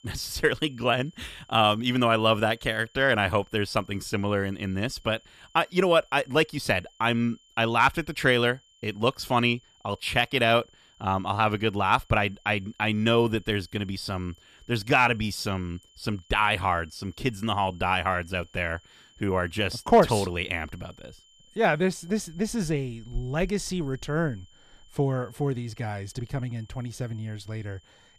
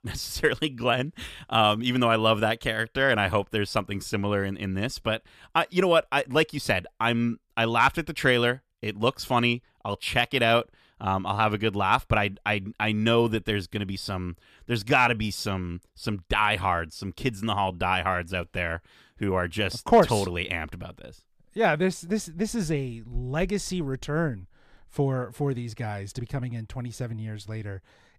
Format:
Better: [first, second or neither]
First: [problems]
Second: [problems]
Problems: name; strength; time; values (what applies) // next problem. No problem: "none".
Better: second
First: high-pitched whine; faint; throughout; 3 kHz, 30 dB below the speech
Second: none